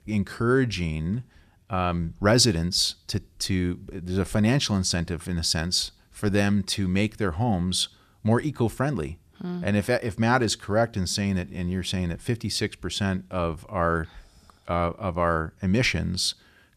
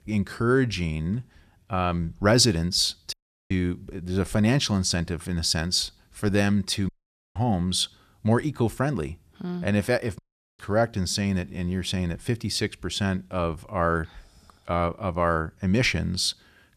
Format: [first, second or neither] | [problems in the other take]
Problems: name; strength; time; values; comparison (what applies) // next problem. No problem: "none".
first | audio cutting out; at 3 s, at 7 s and at 10 s